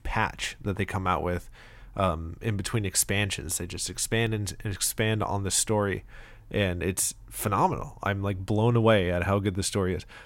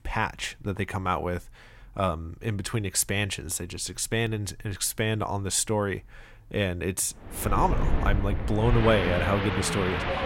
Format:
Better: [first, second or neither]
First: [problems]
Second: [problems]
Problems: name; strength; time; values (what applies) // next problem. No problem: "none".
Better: first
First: none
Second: wind in the background; loud; from 7.5 s on; 2 dB below the speech